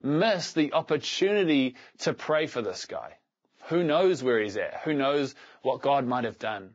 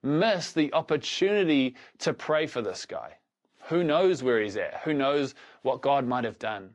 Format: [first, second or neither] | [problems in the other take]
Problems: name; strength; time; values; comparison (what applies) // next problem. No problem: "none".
second | garbled, watery; badly; nothing above 7.5 kHz; slightly in the second